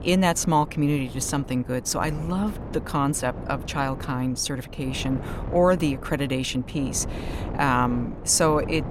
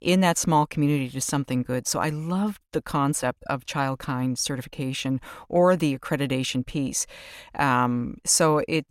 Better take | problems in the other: second | wind noise on the microphone; occasional gusts; 15 dB below the speech

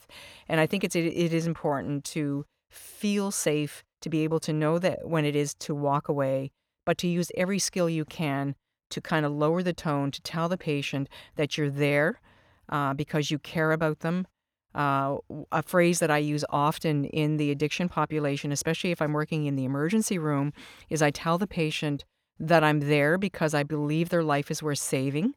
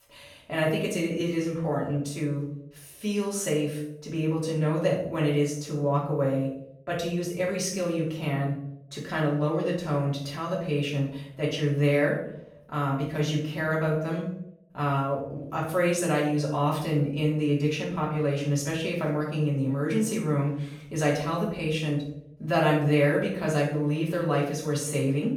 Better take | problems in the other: first | room echo; noticeable; dies away in 0.6 s // off-mic speech; far

